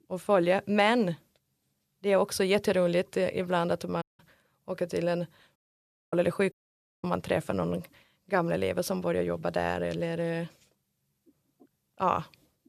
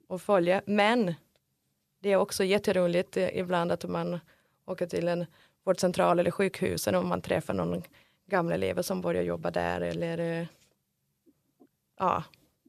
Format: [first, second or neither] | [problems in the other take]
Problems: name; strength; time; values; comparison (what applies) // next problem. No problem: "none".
second | audio cutting out; at 4 s, at 5.5 s for 0.5 s and at 6.5 s for 0.5 s